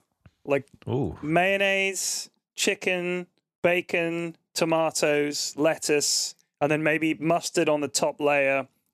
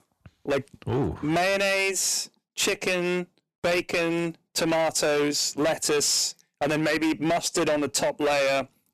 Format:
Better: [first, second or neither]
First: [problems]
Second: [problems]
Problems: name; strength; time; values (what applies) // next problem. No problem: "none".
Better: first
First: none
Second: distortion; heavy; 18% of the sound clipped